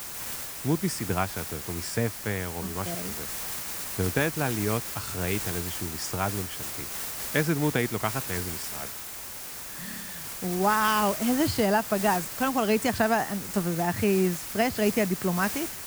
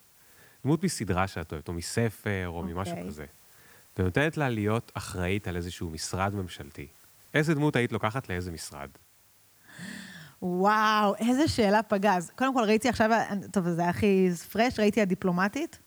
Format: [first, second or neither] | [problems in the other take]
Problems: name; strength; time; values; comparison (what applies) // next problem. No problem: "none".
second | hiss; loud; throughout; 5 dB below the speech; faint in the second